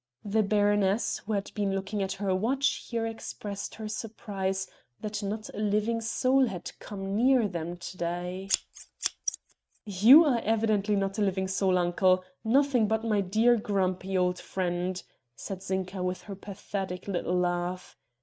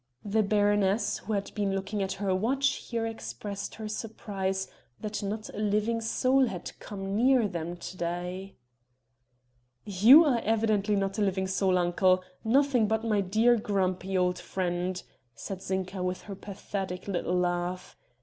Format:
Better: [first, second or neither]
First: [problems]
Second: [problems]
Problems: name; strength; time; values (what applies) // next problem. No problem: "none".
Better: second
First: noise reduction (neural mask model RNNoise)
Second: none